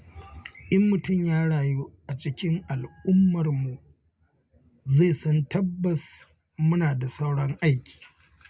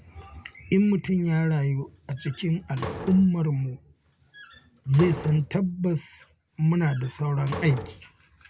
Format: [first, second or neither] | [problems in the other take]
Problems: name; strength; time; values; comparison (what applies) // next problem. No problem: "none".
first | background sound (Slam); 14 dB below the speech